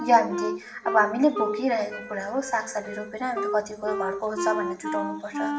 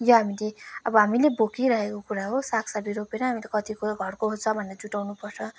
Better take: second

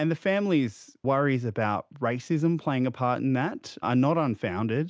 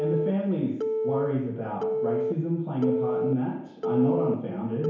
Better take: first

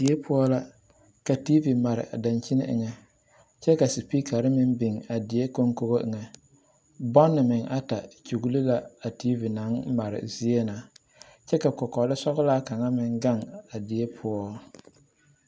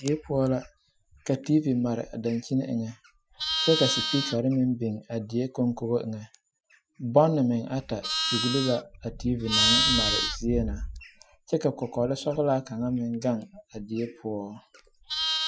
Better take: first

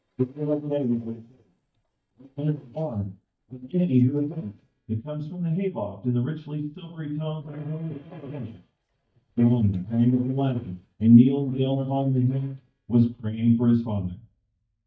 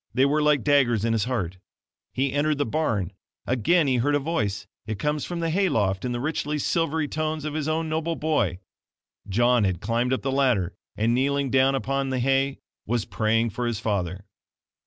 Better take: second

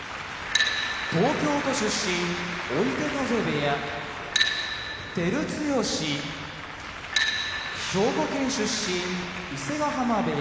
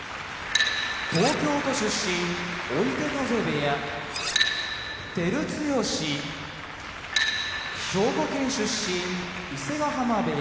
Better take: first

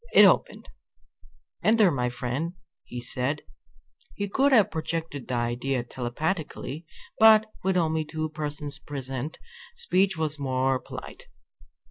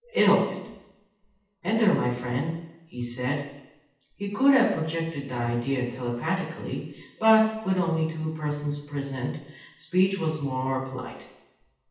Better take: first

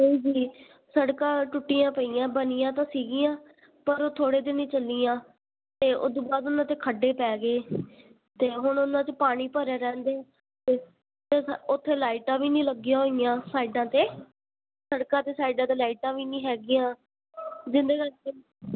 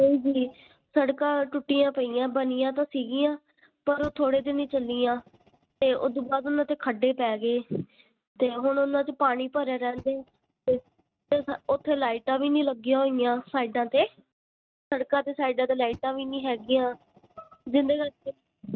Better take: first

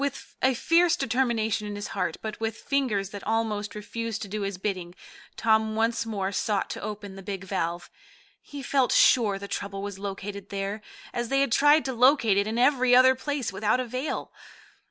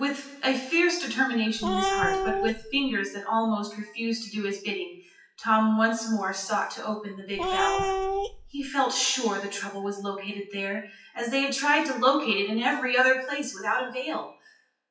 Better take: first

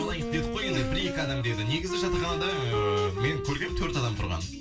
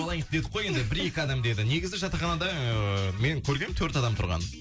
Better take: second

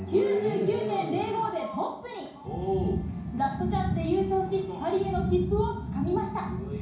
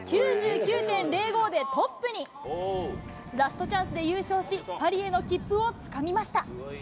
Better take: second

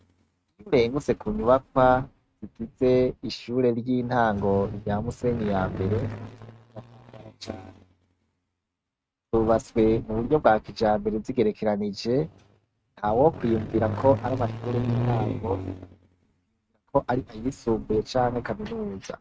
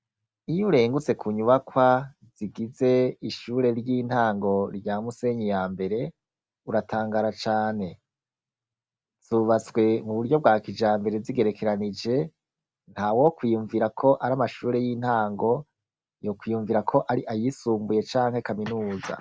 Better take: second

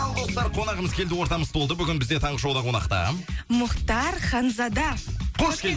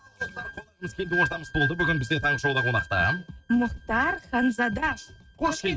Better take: first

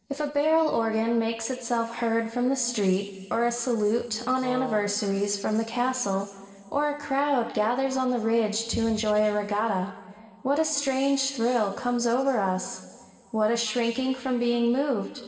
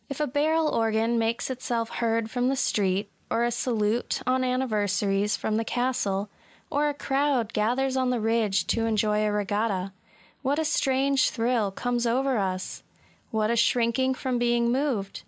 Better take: second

